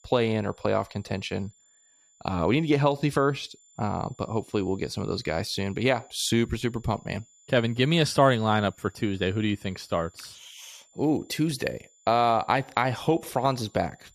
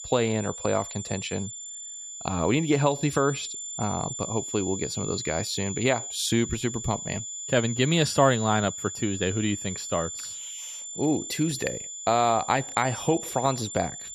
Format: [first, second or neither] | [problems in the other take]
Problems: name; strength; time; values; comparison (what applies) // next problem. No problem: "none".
first | high-pitched whine; loud; throughout; 7 kHz, 7 dB below the speech; faint in the first